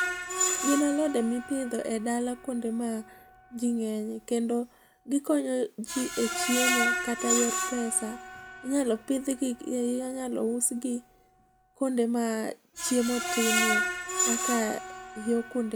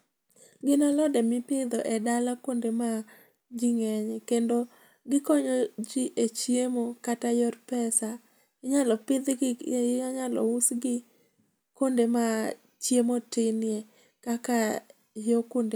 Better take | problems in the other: second | background sound (Screech); 4 dB below the speech

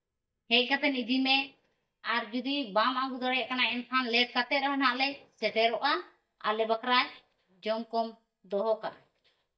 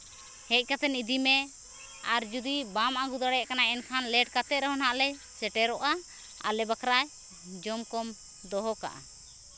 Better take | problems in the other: second | noise reduction (neural mask model DeepFilterNet 3)

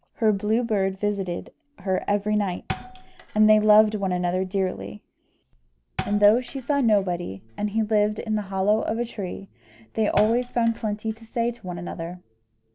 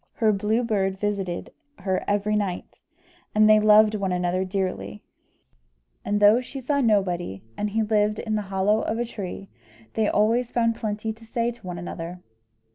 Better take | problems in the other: second | background sound (Thump, thud); 17 dB below the speech

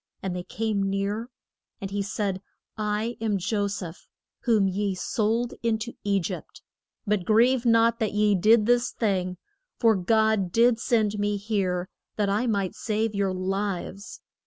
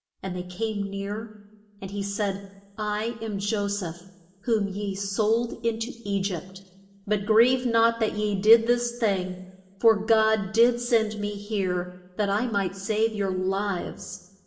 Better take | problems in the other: first | room echo; dies away in 0.8 s

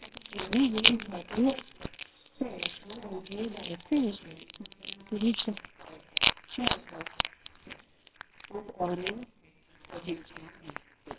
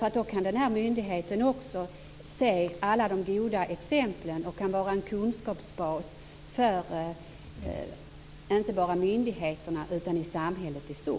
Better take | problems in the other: second | noise reduction (neural separator model SepFormer WHAMR!)

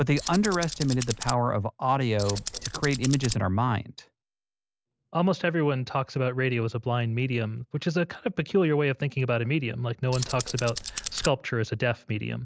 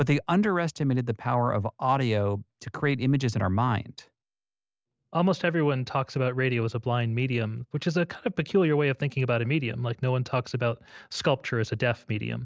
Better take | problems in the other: second | background sound (Tools); 8 dB below the speech

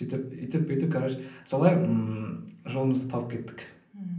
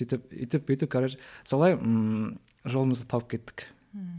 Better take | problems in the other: second | room echo; dies away in 0.6 s

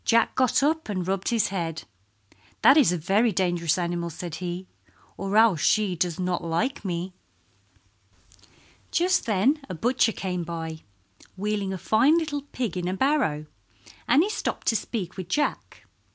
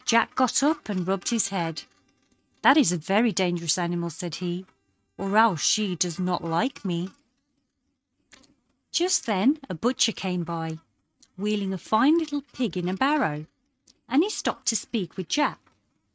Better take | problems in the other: first | noise reduction (neural mask model RNNoise)

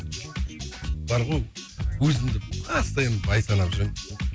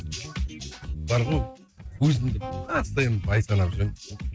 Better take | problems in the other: first | noise reduction (neural mask model RNNoise)

